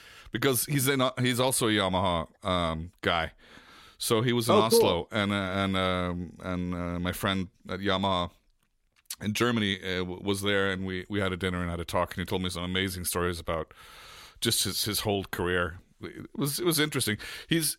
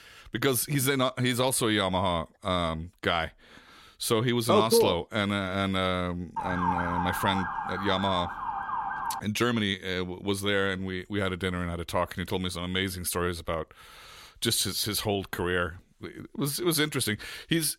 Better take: first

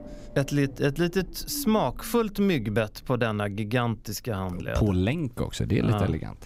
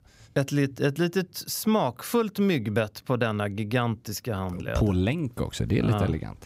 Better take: second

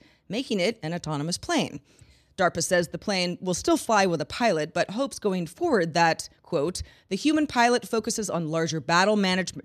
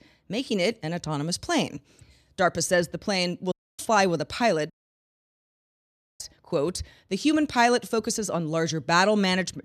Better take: first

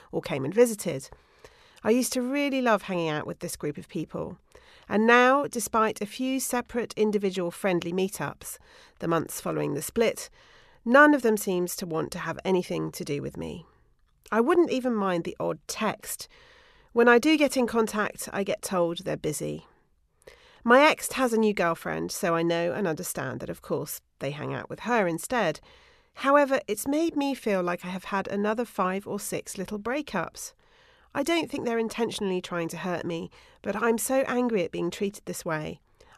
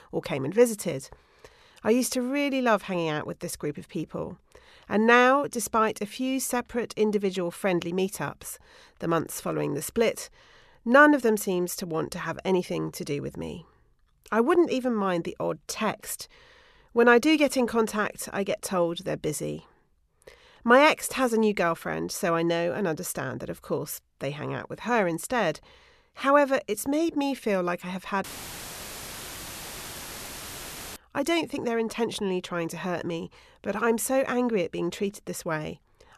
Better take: first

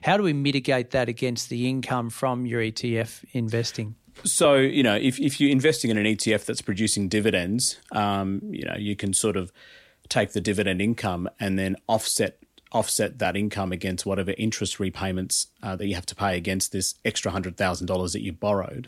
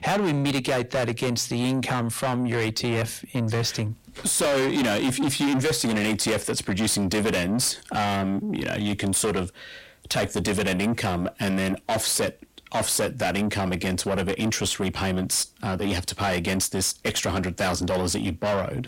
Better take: first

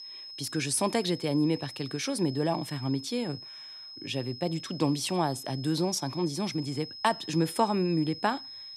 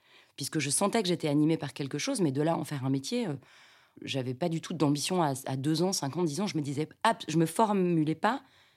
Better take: second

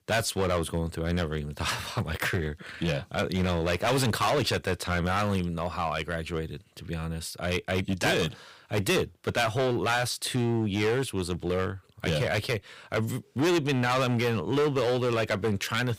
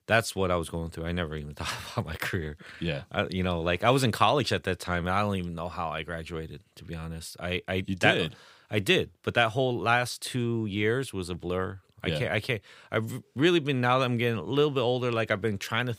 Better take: second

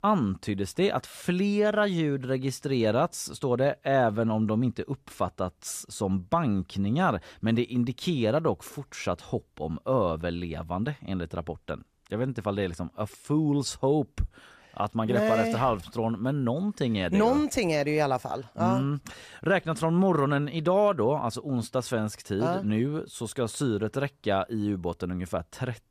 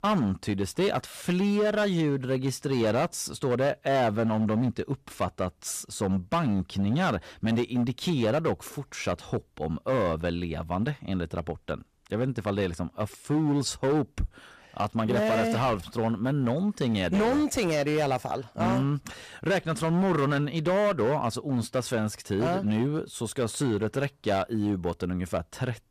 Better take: first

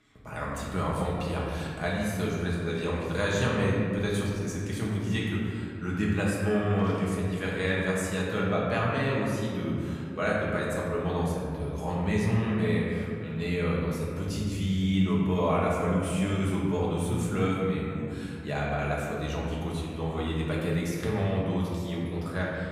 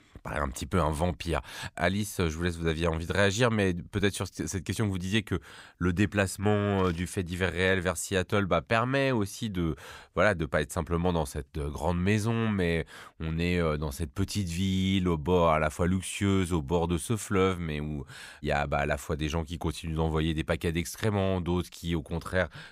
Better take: second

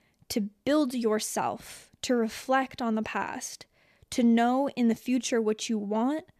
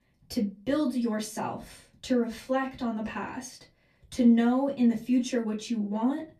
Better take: first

